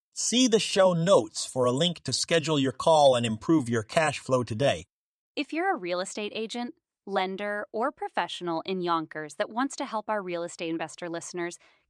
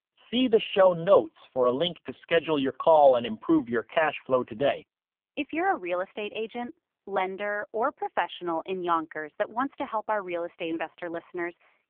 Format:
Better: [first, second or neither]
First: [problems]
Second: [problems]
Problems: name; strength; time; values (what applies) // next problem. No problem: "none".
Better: first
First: none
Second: phone-call audio; poor line; nothing above 3.5 kHz